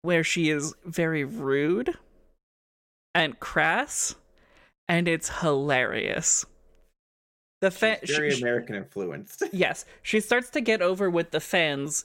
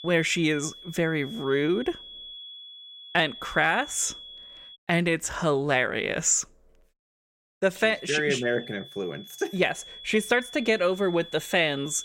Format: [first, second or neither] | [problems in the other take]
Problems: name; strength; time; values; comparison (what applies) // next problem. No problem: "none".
first | high-pitched whine; noticeable; until 5 s and from 8 s on; 3.5 kHz, 15 dB below the speech